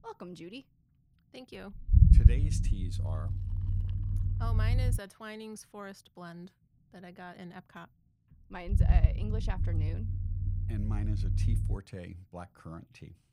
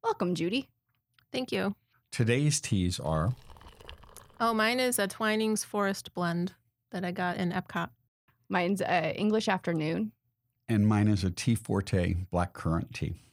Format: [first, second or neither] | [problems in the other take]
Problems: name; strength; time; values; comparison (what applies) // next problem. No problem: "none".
second | low rumble; loud; throughout; as loud as the speech